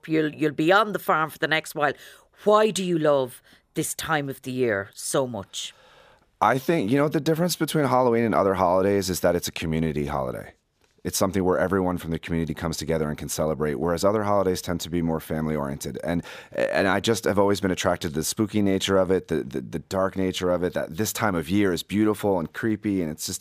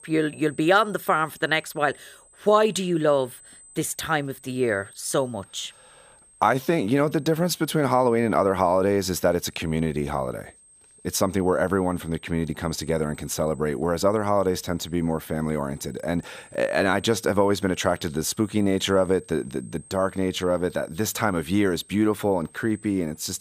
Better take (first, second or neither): first